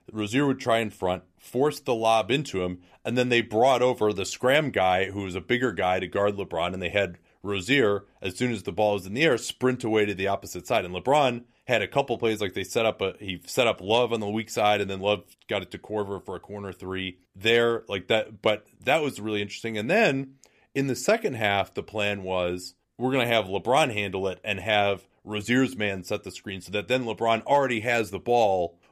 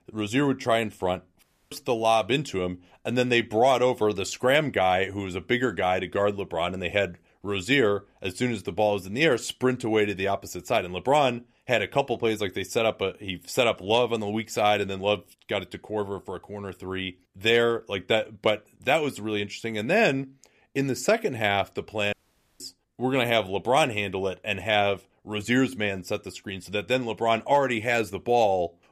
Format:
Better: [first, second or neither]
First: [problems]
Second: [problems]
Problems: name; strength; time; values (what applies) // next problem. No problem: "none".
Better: first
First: none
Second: audio cutting out; at 1.5 s and at 22 s